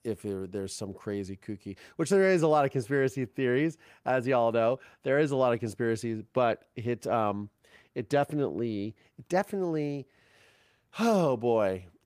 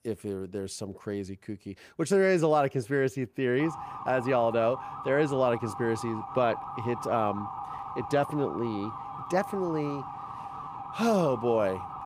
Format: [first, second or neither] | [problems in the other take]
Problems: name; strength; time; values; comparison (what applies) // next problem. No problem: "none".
first | siren; noticeable; from 3.5 s on; peak 8 dB below the speech